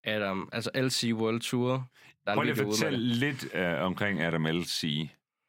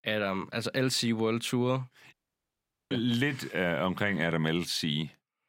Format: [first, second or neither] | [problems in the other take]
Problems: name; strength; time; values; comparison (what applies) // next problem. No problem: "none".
first | audio cutting out; at 2 s for 1 s